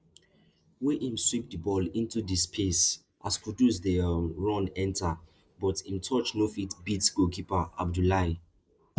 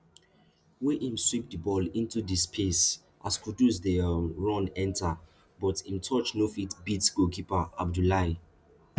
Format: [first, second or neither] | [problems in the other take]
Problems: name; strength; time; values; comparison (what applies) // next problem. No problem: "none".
second | noise reduction (neural mask model Resemble Enhance denoiser)